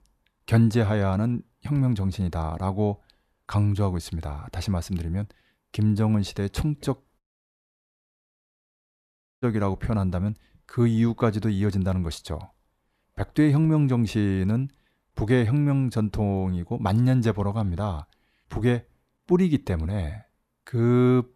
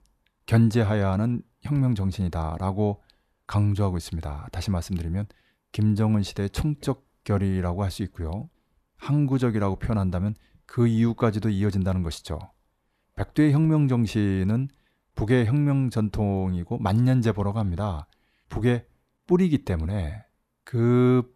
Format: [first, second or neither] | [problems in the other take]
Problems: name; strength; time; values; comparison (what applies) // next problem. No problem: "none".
second | audio cutting out; at 7 s for 2 s